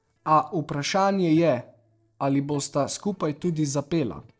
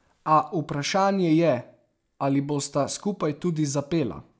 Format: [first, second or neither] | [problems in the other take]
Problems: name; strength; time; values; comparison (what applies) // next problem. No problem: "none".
second | noise reduction (neural separator model SepFormer DNS4)